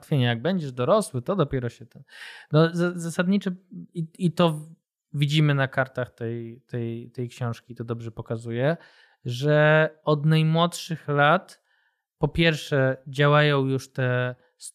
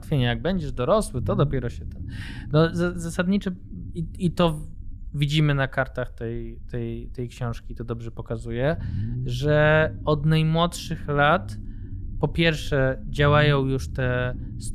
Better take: first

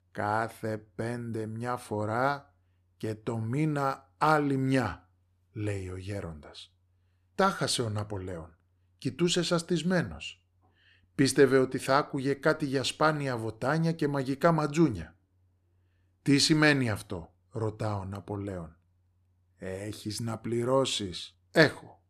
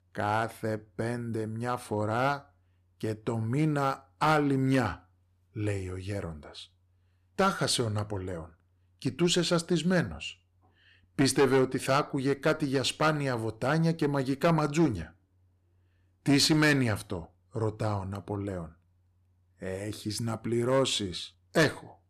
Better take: first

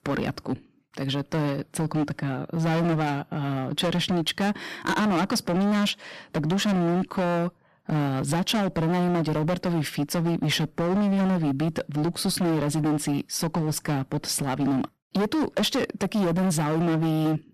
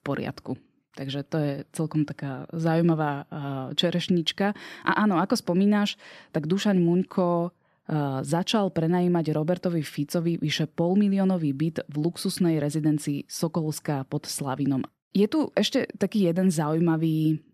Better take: second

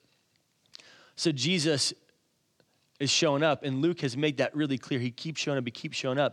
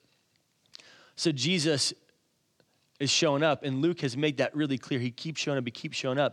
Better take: neither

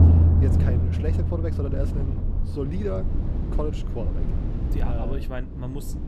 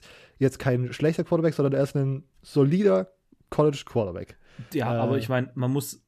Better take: second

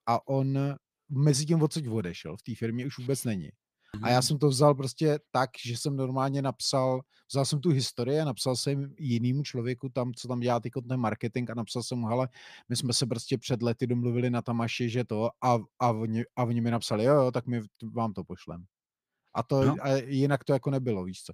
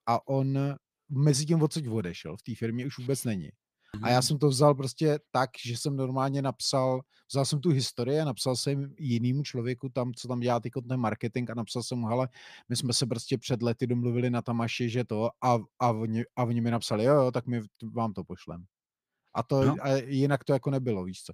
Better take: neither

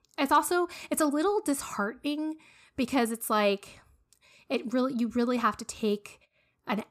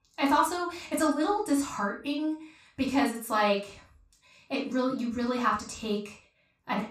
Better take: first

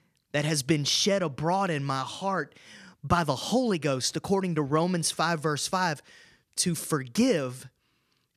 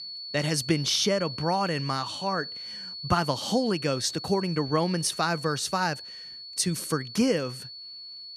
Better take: first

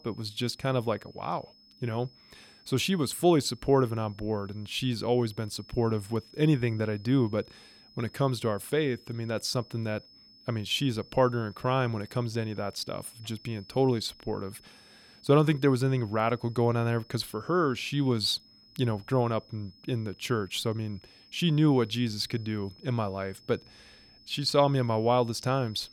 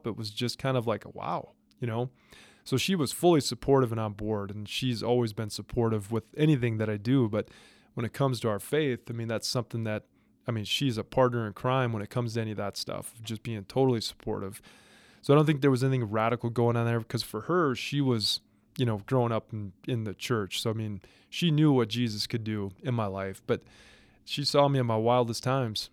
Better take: second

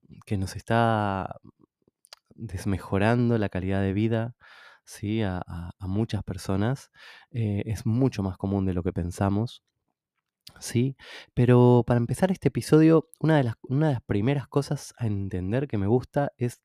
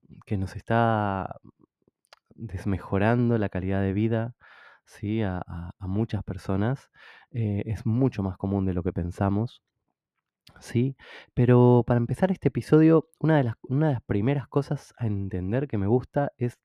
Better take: first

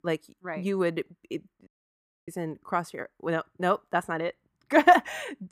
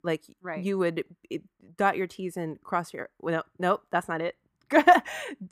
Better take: second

